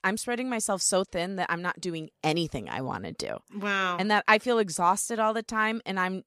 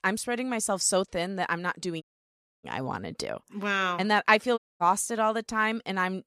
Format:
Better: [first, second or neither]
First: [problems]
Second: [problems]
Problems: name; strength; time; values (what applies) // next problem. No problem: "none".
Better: first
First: none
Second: audio cutting out; at 2 s for 0.5 s and at 4.5 s